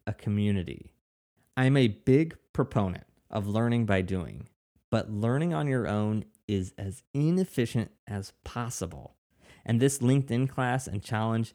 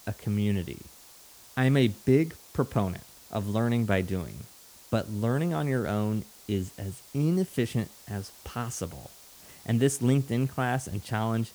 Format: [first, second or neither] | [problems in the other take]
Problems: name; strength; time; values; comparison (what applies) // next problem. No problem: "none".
first | hiss; faint; throughout; 20 dB below the speech